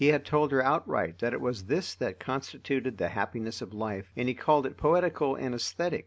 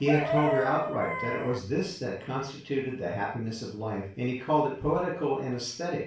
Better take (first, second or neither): first